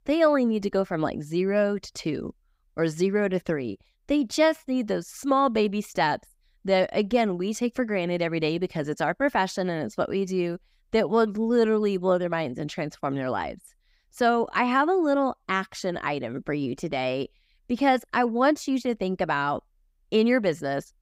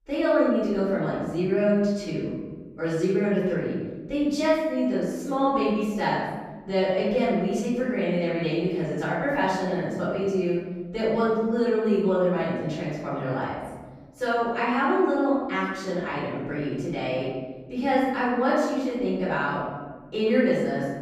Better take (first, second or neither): first